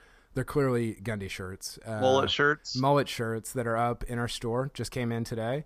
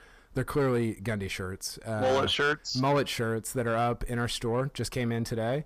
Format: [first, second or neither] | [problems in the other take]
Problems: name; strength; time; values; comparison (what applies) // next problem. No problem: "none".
first | distortion; slight; 10 dB below the speech